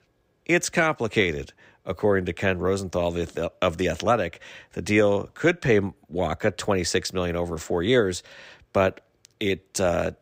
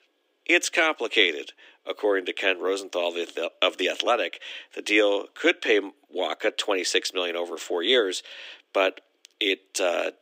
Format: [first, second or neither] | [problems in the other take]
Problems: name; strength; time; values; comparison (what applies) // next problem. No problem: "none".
first | thin; somewhat; fading below 300 Hz